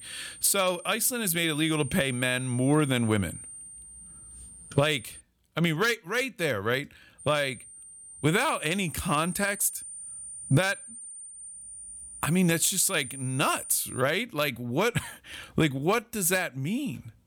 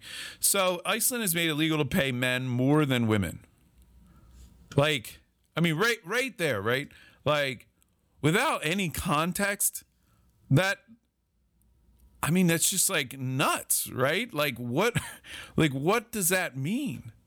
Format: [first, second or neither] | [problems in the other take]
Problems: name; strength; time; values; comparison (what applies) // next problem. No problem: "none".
second | high-pitched whine; noticeable; until 5 s and from 7 to 14 s; 9 kHz, 15 dB below the speech